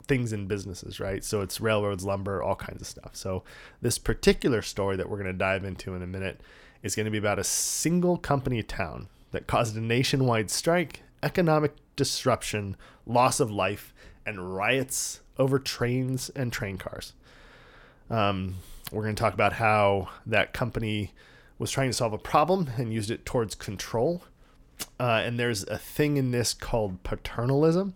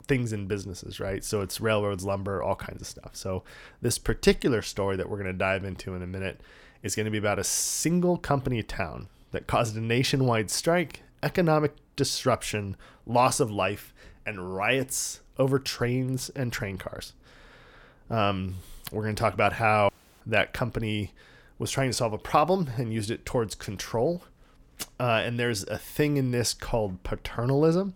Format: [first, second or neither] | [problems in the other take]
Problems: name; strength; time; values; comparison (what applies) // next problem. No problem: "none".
first | audio cutting out; at 20 s